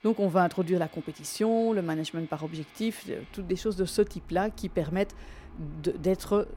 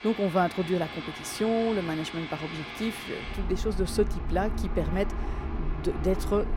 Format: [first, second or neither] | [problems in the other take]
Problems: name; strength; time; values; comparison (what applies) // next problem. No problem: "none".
first | train or aircraft noise; loud; throughout; 6 dB below the speech; faint in the first